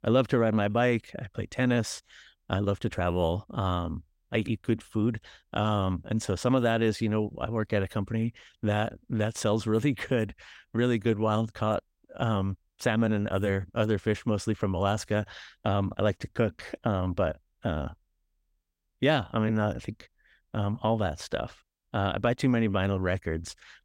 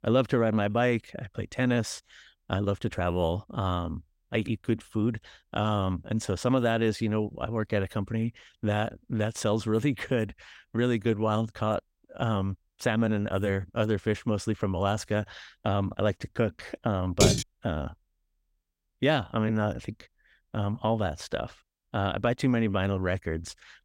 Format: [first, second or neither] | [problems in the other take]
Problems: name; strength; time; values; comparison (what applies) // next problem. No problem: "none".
first | clattering dishes; loud; at 17 s; peak 5 dB above the speech